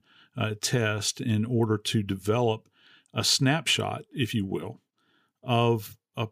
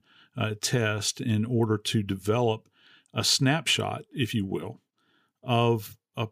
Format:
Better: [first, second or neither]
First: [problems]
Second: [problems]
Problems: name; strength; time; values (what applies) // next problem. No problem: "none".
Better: neither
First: none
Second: none